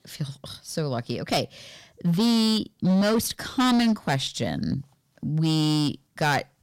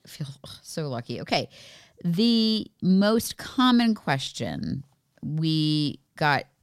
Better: second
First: distortion; slight; 11% of the sound clipped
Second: none

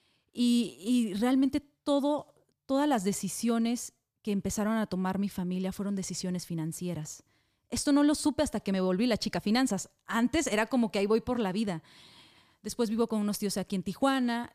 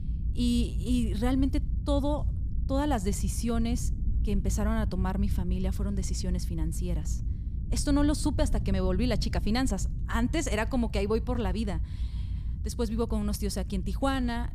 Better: first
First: none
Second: low rumble; noticeable; throughout; 15 dB below the speech

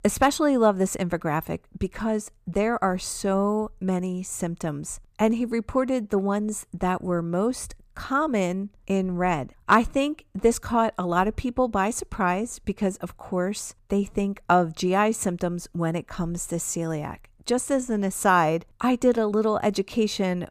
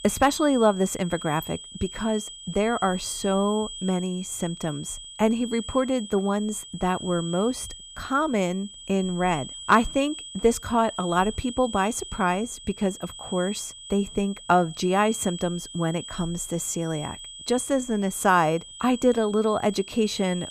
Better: first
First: none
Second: high-pitched whine; noticeable; throughout; 3 kHz, 15 dB below the speech

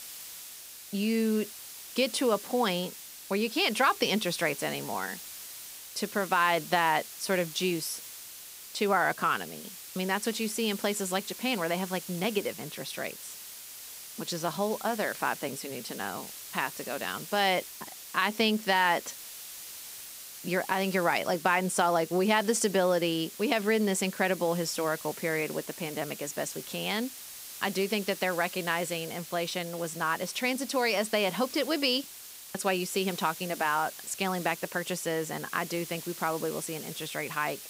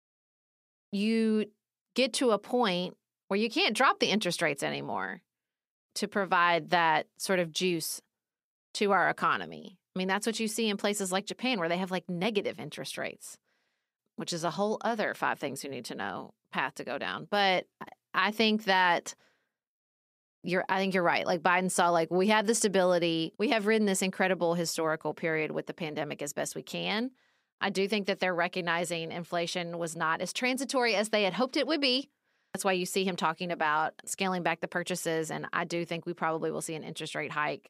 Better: second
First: hiss; noticeable; throughout; 10 dB below the speech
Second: none

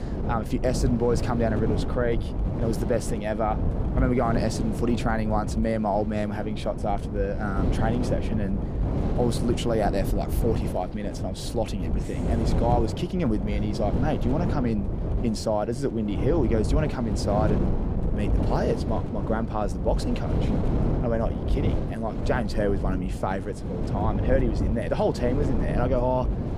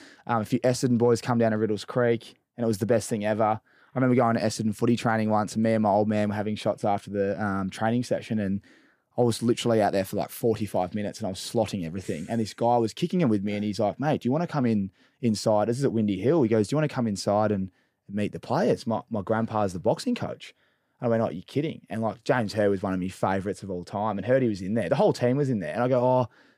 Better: second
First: wind noise on the microphone; heavy; 7 dB below the speech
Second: none

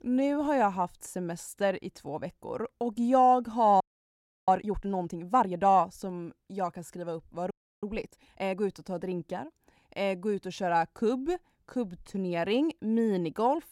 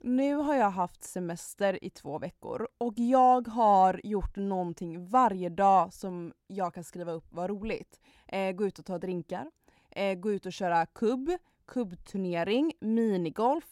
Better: second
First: audio freezing; at 4 s for 0.5 s and at 7.5 s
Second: none

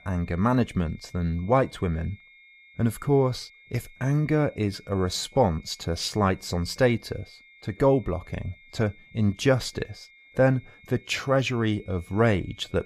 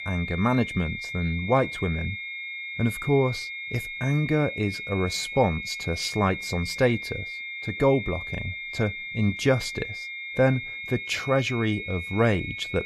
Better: first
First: high-pitched whine; faint; throughout; 2 kHz, 25 dB below the speech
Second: high-pitched whine; loud; throughout; 2 kHz, 7 dB below the speech

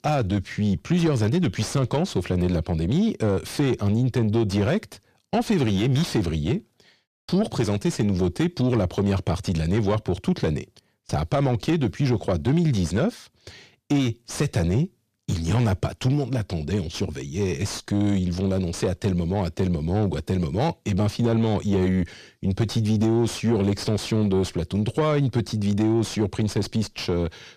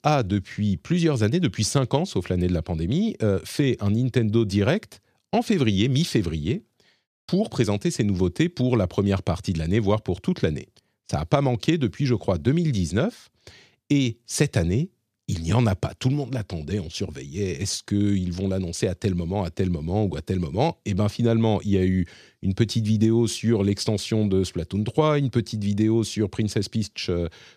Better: second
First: distortion; slight; 10 dB below the speech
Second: none

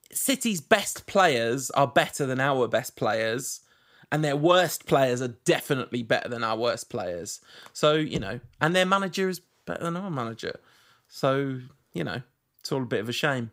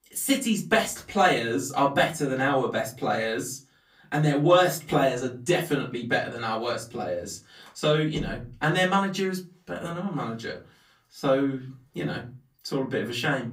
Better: first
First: none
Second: off-mic speech; far // room echo; very slight; dies away in 0.3 s

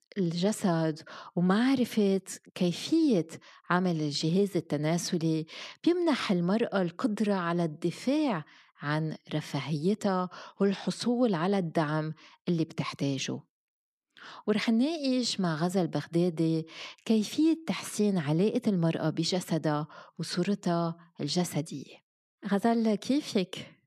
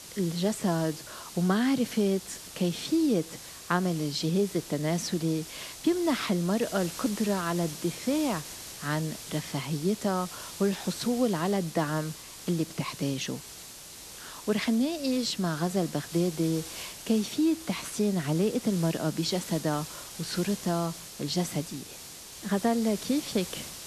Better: first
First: none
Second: hiss; noticeable; throughout; 10 dB below the speech

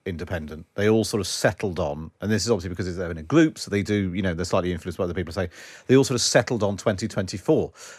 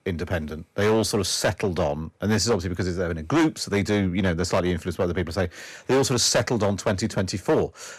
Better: first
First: none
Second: distortion; heavy; 8% of the sound clipped

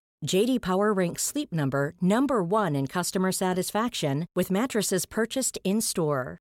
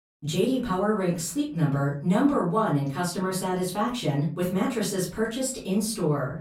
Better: first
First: none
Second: off-mic speech; far // room echo; slight; dies away in 0.4 s

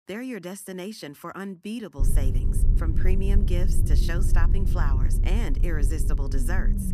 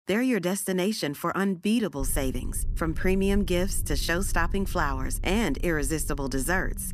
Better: second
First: low rumble; loud; from 2 s on; 6 dB below the speech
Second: low rumble; faint; from 2 s on; 25 dB below the speech

